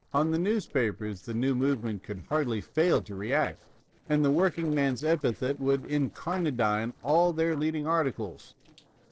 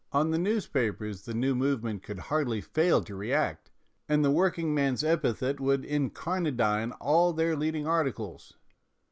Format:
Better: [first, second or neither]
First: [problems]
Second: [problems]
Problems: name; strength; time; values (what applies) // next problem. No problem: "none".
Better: second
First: noise reduction (neural separator model SepFormer DNS4)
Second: none